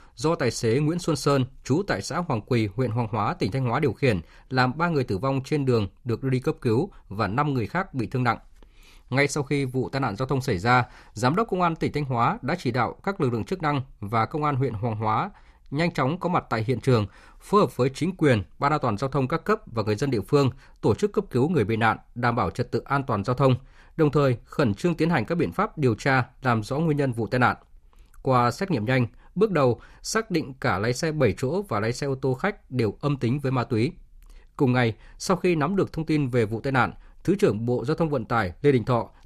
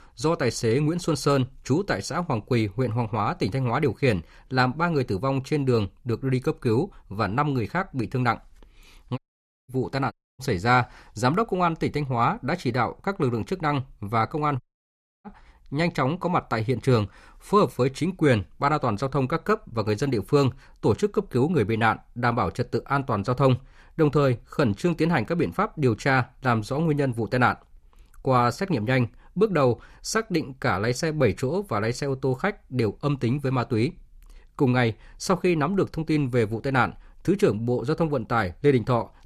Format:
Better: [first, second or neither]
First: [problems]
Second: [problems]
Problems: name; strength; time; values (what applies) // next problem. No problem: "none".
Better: first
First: none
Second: audio cutting out; at 9 s for 0.5 s, at 10 s and at 15 s for 0.5 s